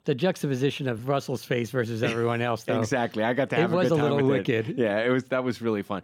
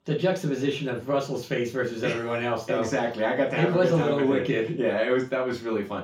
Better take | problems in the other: first | room echo; slight; dies away in 0.3 s // off-mic speech; far

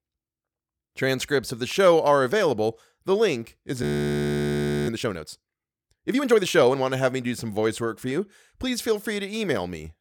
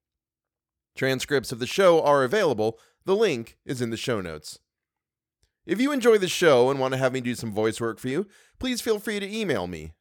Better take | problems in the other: second | audio freezing; at 4 s for 1 s

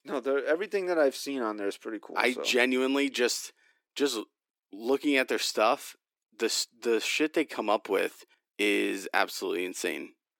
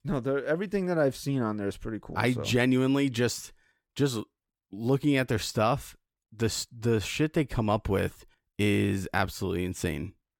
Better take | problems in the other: second | thin; somewhat; fading below 300 Hz

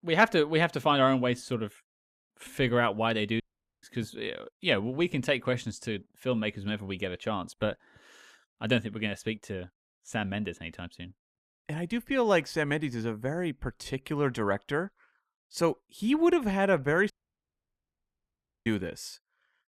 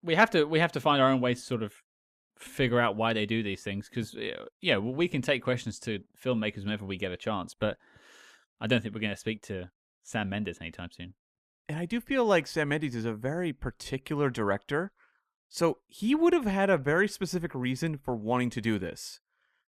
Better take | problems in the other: second | audio cutting out; at 3.5 s and at 17 s for 1.5 s

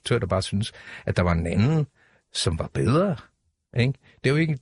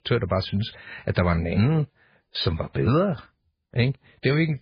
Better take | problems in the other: first | garbled, watery; badly; nothing above 4 kHz; slightly in the first

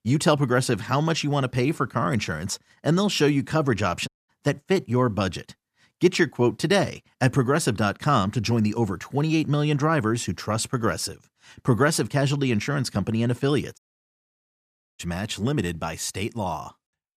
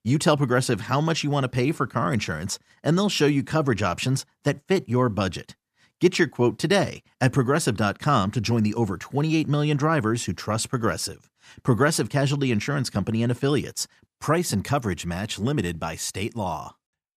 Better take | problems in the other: second | audio cutting out; at 4 s and at 14 s for 1 s

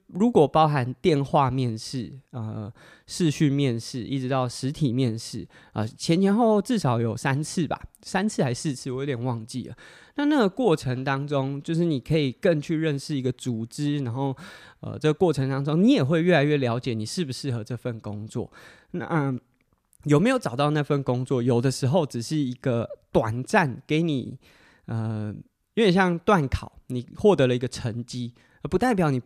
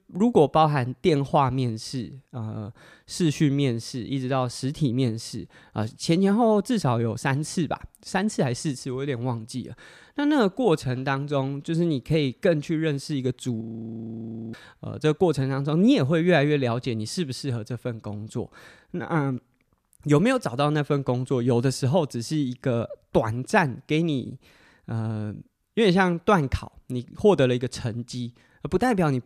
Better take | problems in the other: first | audio freezing; at 14 s for 1 s

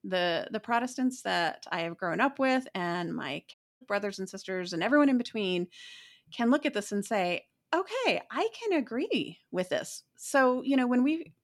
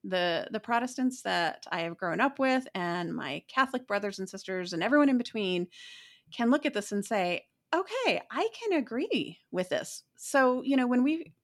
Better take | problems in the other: second | audio cutting out; at 3.5 s

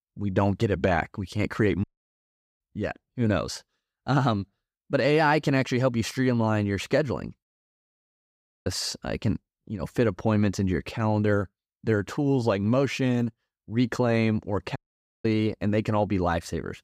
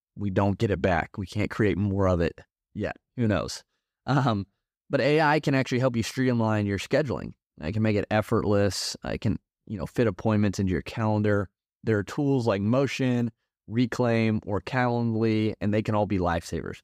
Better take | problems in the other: second | audio cutting out; at 2 s for 1 s, at 7.5 s for 1 s and at 15 s

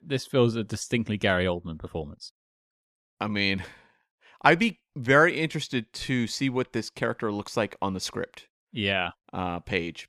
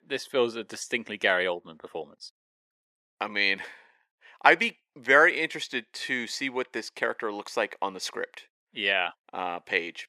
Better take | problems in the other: first | thin; somewhat; fading below 450 Hz

